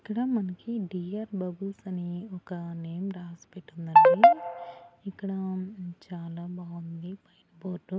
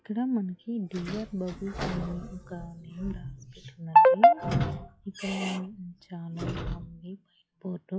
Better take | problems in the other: first | noise reduction (classical method log-MMSE)

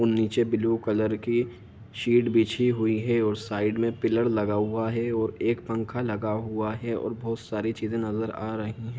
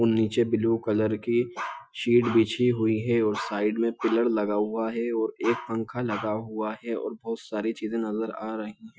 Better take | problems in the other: first | noise reduction (classical method Wiener filter)

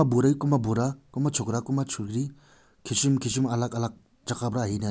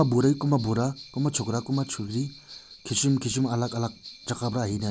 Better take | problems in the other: first | background sound (Bell); 20 dB below the speech

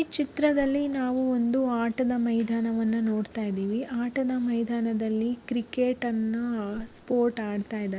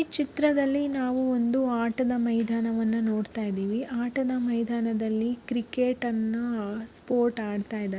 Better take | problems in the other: second | background sound (Whoosh, swoosh, swish); 18 dB below the speech

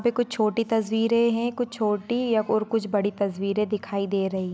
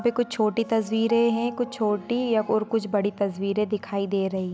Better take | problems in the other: first | background sound (Piano); 18 dB below the speech

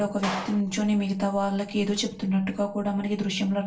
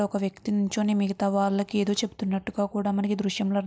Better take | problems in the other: second | background sound (Clapping); 12 dB below the speech // room echo; dies away in 0.3 s

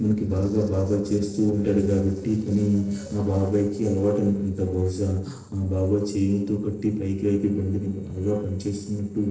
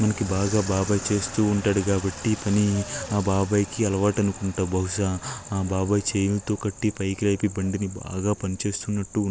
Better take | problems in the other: second | noise reduction (neural separator model SepFormer DNS4)

